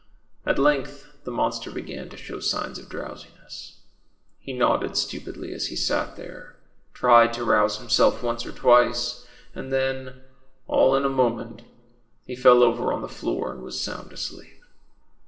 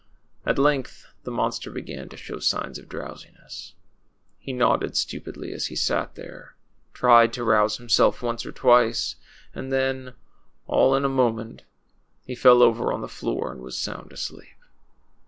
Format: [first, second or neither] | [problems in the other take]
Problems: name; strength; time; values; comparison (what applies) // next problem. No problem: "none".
second | room echo; dies away in 0.7 s